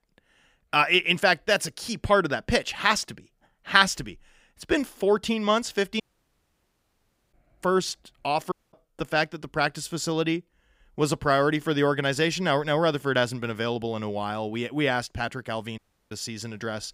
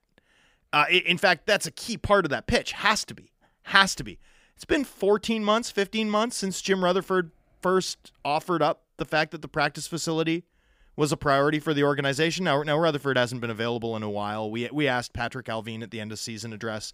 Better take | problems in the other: second | audio cutting out; at 6 s for 1.5 s, at 8.5 s and at 16 s

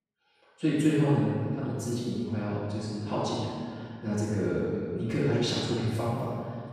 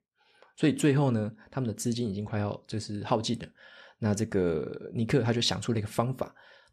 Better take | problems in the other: second | off-mic speech; far // room echo; strong; dies away in 2 s

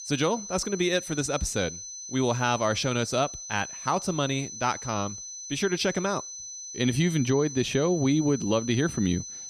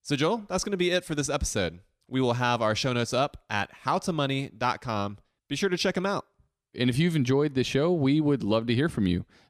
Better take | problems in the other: second | high-pitched whine; loud; throughout; 6 kHz, 9 dB below the speech

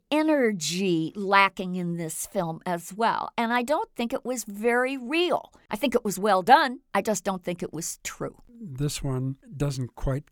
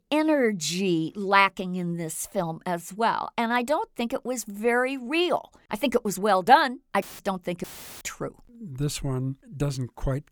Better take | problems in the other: first | audio cutting out; filled with static; at 7 s and at 7.5 s

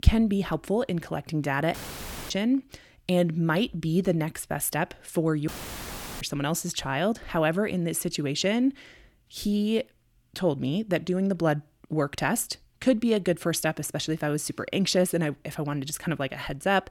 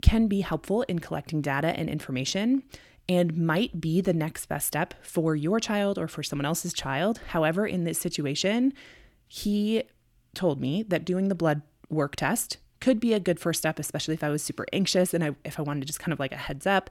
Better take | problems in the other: second | audio cutting out; filled with static; at 1.5 s for 0.5 s and at 5.5 s for 0.5 s

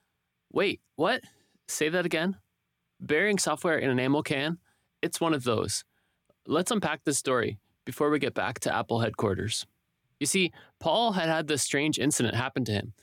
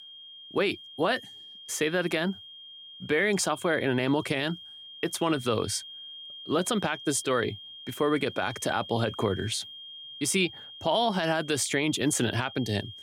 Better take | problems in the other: first | high-pitched whine; noticeable; throughout; 3 kHz, 15 dB below the speech

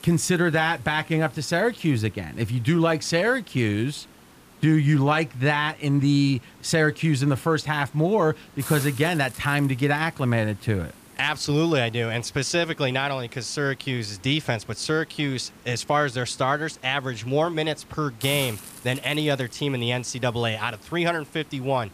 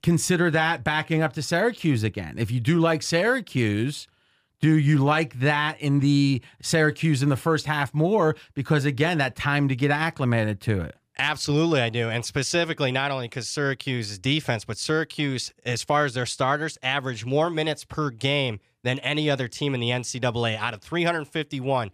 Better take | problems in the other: second | hiss; noticeable; throughout; 20 dB below the speech

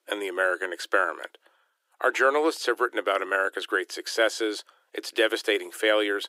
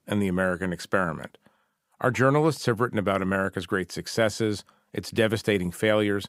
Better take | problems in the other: second | thin; very; fading below 350 Hz

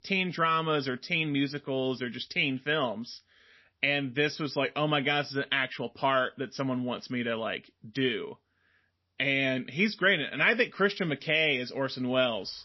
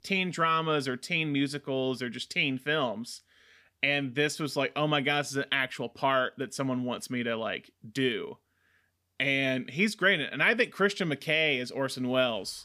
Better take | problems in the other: second | garbled, watery; slightly; nothing above 5.5 kHz

